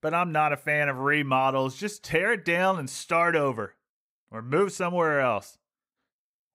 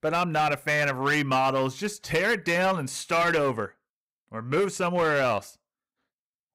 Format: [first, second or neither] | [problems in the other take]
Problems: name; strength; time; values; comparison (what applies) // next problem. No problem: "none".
first | distortion; slight; 9% of the sound clipped